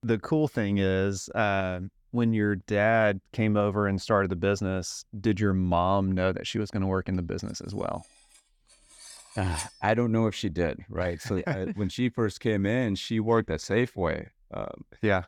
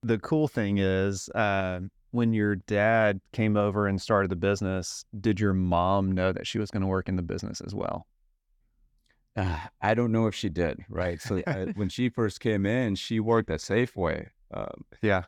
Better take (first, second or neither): second